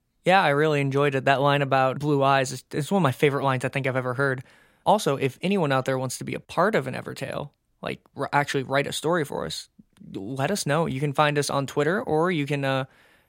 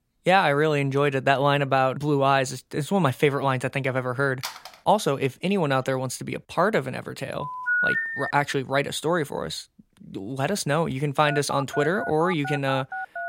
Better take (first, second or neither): first